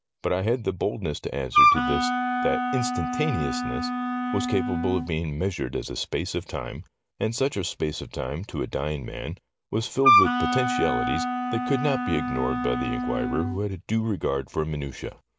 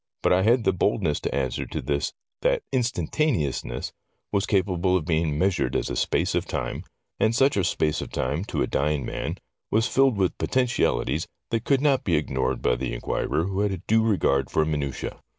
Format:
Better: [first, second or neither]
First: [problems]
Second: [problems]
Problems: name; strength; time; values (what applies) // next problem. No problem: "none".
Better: second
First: background sound (Wind instrument, woodwind instrument); 3 dB above the speech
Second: none